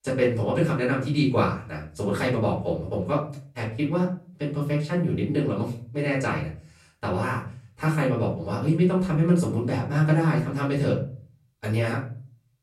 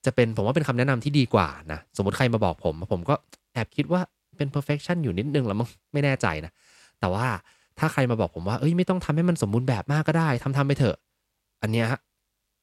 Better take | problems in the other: second | off-mic speech; far // room echo; slight; dies away in 0.4 s

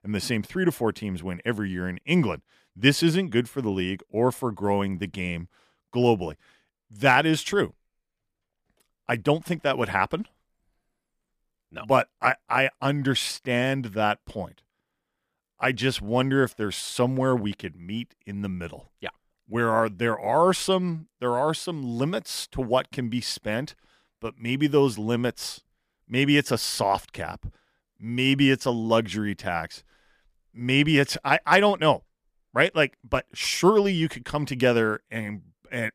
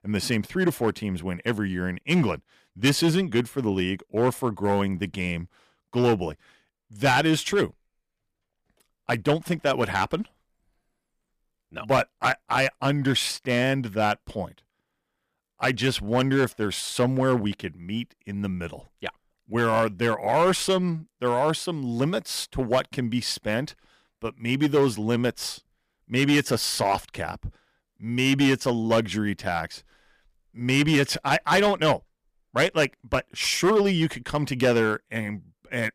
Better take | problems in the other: first | distortion; slight; 4% of the sound clipped

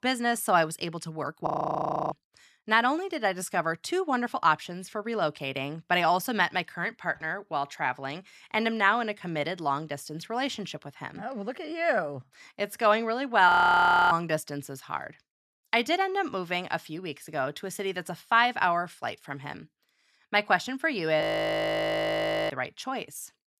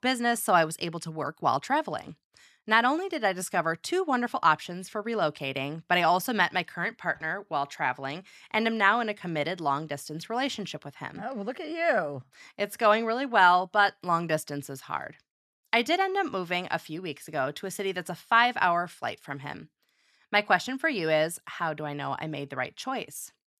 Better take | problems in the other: second | audio freezing; at 1.5 s for 0.5 s, at 13 s for 0.5 s and at 21 s for 1.5 s

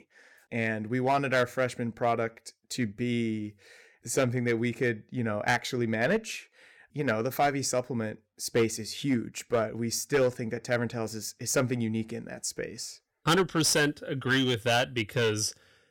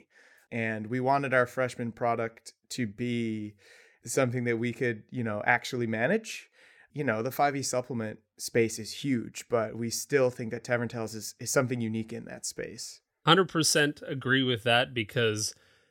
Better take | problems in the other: second | distortion; slight; 3% of the sound clipped

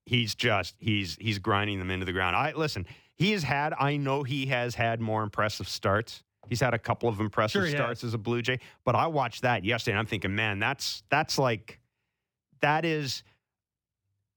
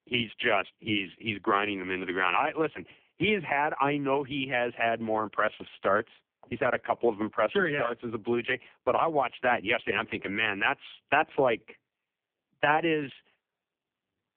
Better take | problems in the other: first | phone-call audio; poor line; nothing above 3 kHz

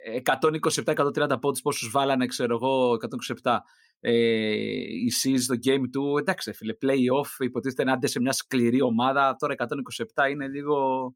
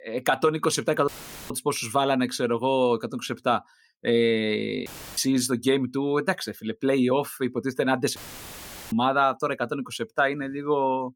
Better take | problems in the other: first | audio cutting out; filled with static; at 1 s, at 5 s and at 8 s for 1 s

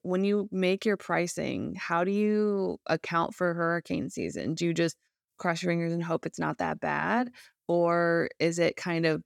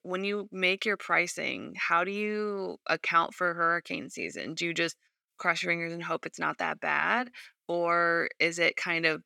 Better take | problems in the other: first | thin; somewhat; fading below 400 Hz

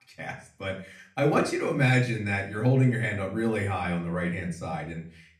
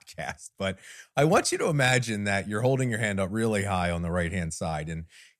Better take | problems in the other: second | room echo; slight; dies away in 0.5 s // off-mic speech; far

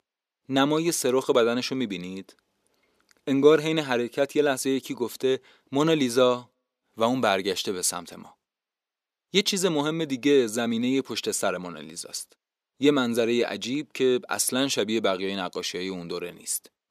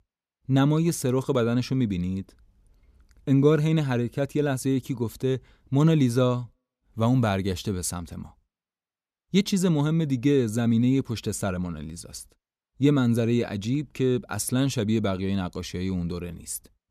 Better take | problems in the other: second | thin; somewhat; fading below 400 Hz

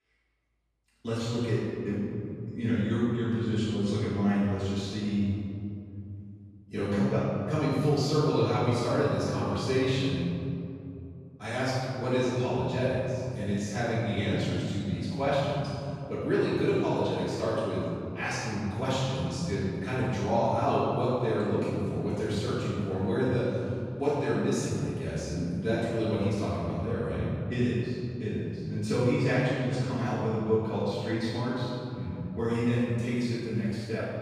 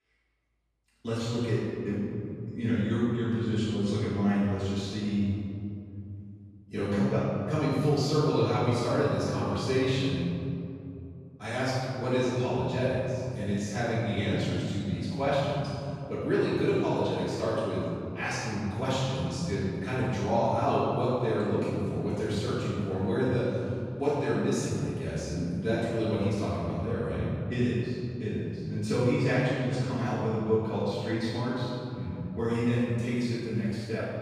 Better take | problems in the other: neither | off-mic speech; far; the same in both // room echo; strong; dies away in 2.7 s; the same in both

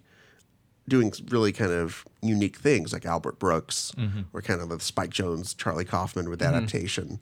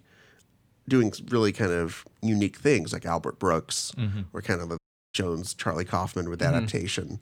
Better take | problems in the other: first | audio cutting out; at 5 s

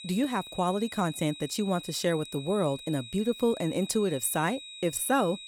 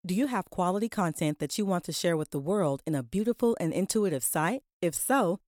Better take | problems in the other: second | high-pitched whine; noticeable; throughout; 4 kHz, 15 dB below the speech

